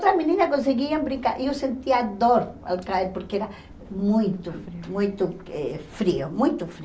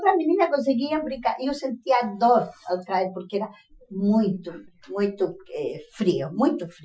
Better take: first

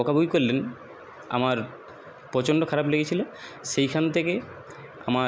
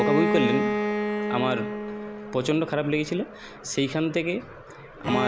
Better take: first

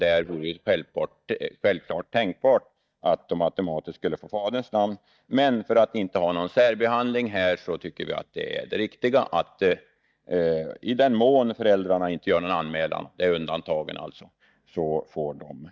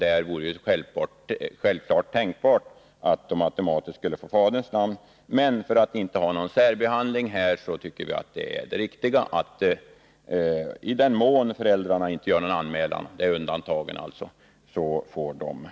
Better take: second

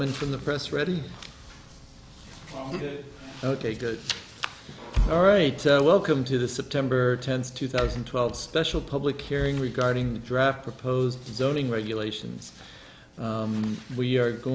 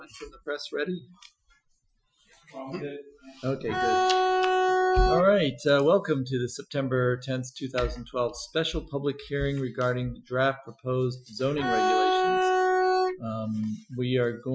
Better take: first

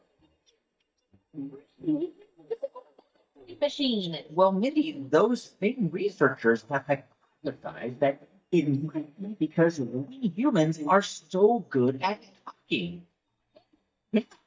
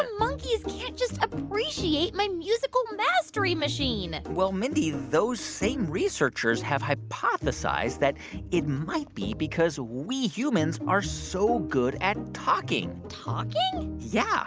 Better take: second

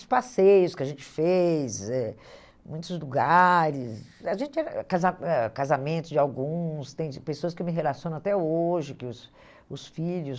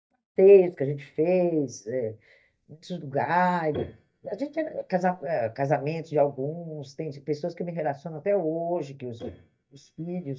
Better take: first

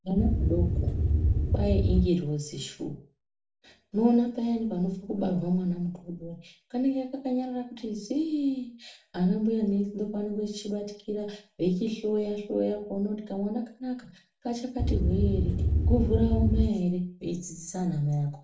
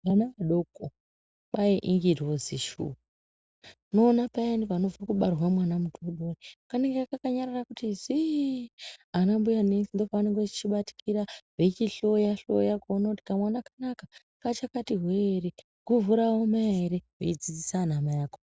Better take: second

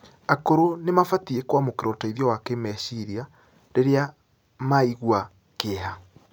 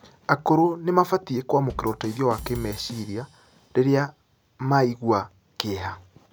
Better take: first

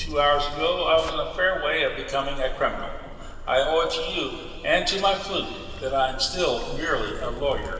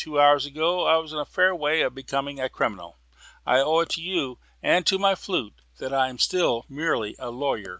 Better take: second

